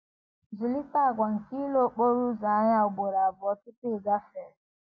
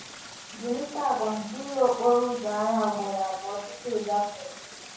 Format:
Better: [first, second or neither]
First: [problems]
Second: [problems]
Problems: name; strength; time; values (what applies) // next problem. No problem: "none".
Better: first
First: none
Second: background sound (Stream); 15 dB below the speech // room echo; dies away in 0.6 s